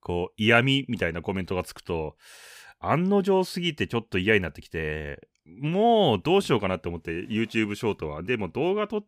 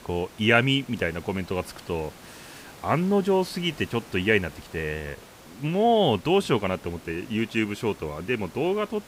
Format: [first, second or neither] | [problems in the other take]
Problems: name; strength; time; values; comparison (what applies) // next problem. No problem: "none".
first | hiss; faint; throughout; 20 dB below the speech